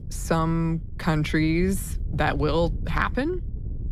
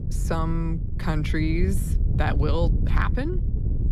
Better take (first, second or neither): first